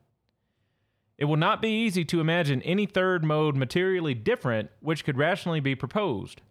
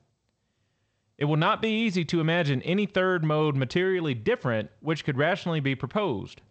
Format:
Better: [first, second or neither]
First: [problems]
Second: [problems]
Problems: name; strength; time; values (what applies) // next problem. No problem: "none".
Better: first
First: none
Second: garbled, watery; slightly; nothing above 7.5 kHz